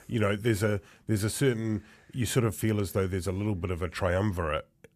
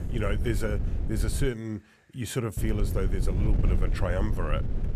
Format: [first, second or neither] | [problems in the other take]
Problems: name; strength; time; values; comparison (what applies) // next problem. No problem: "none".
first | wind noise on the microphone; heavy; until 1.5 s and from 2.5 s on; 8 dB below the speech